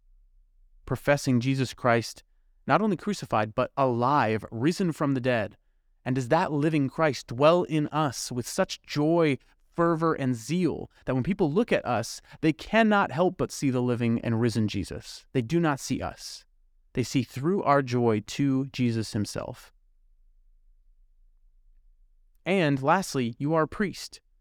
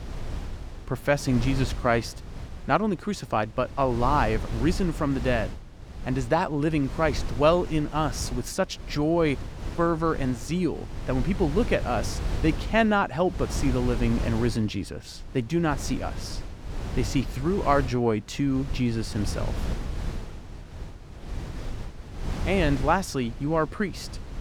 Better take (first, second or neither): first